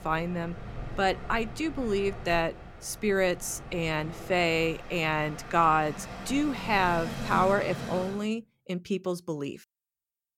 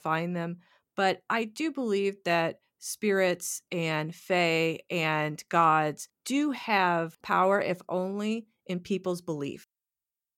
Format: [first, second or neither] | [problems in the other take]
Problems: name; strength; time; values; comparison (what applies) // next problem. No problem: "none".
second | train or aircraft noise; noticeable; until 8 s; 10 dB below the speech